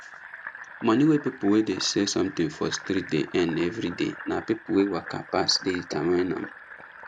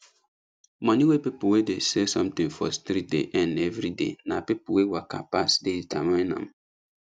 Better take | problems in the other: second | background sound (Fill (with liquid)); 15 dB below the speech

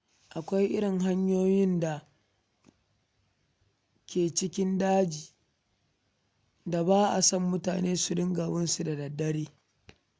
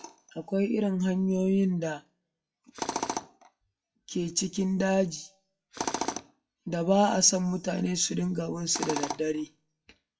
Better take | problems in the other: first | noise reduction (classical method WPE with log-MMSE)

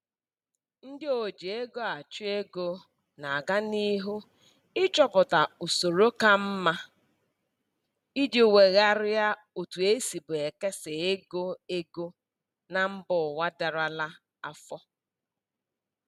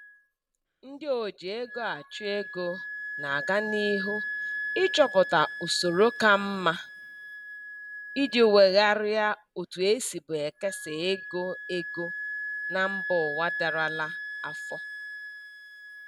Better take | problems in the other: first | background sound (Wind instrument, woodwind instrument); 9 dB below the speech

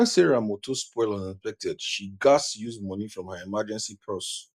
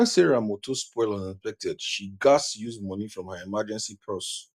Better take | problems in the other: second | noise reduction (neural mask model Resemble Enhance denoiser)

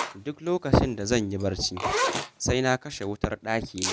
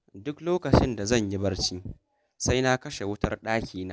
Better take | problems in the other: second | background sound (Zipper (clothing)); 7 dB below the speech

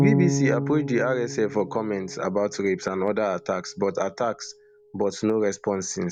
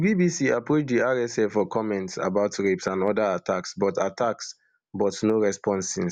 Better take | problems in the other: second | background sound (Bass guitar); 5 dB below the speech

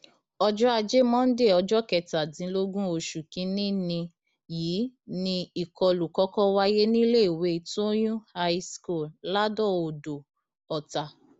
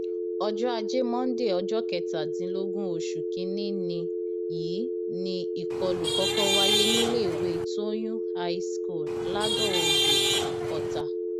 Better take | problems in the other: first | background sound (Telephone + Traffic noise, roadway noise / Vehicle horn, car horn, honking); 4 dB above the speech

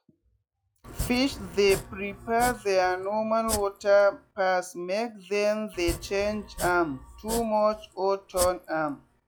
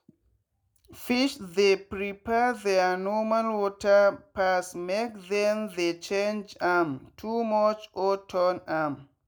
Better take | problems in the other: second | noise reduction (classical method log-MMSE)

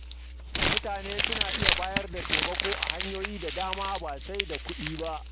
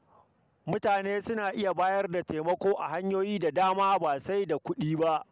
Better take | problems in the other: second | background sound (Crumpling, crinkling); 5 dB above the speech

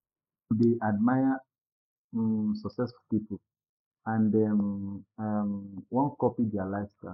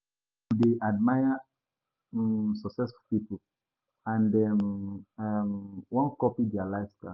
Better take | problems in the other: second | noise reduction (neural mask model Resemble Enhance denoiser)

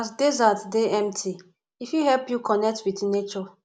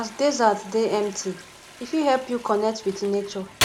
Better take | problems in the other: first | background sound (Toilet flush); 10 dB below the speech

